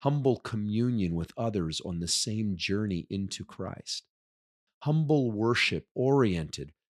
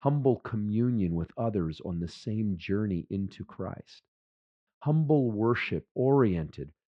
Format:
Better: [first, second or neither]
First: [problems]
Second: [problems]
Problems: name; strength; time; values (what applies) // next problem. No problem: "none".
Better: first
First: none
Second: muffled; very; fading above 1.5 kHz